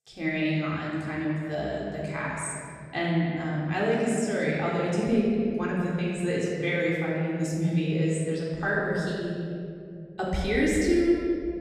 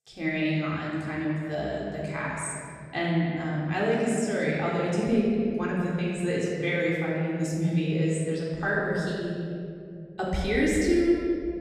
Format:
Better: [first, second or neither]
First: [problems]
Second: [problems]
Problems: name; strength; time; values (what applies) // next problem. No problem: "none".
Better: neither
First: off-mic speech; far // room echo; strong; dies away in 2.7 s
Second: off-mic speech; far // room echo; strong; dies away in 2.7 s